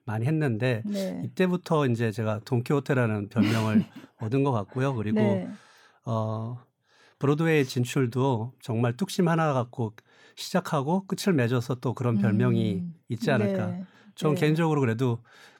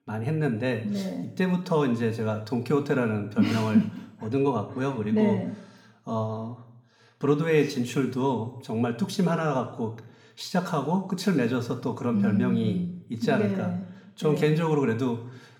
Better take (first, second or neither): first